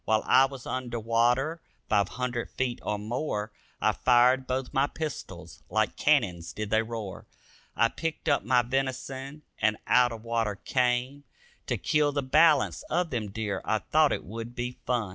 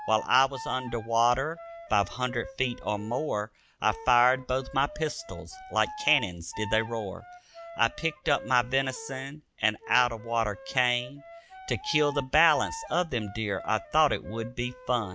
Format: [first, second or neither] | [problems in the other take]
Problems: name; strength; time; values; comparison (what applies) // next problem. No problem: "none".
first | background sound (Wind instrument, woodwind instrument); 16 dB below the speech